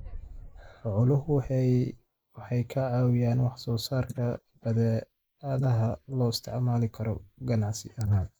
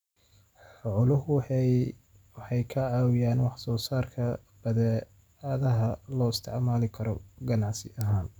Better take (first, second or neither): second